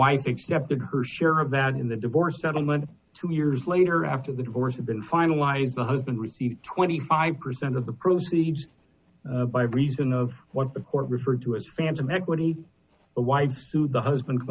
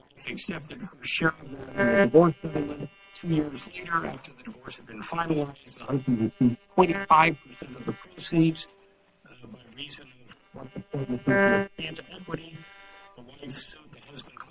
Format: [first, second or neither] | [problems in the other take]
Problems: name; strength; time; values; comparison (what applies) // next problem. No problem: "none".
first | noise reduction (neural separator model SepFormer WHAM!)